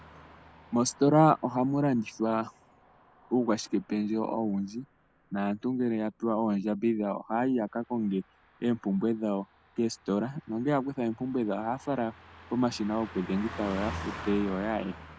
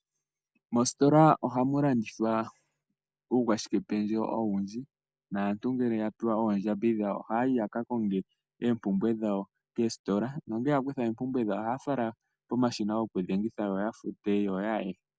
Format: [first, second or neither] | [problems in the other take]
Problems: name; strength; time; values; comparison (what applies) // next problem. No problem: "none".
second | background sound (Car passing by); 18 dB below the speech